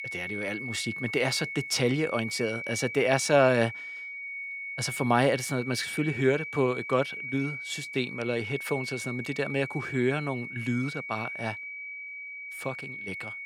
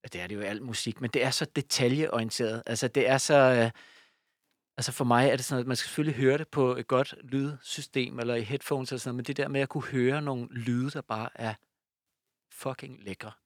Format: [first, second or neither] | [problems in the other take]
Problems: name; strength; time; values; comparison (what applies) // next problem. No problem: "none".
second | high-pitched whine; loud; throughout; 2.5 kHz, 7 dB below the speech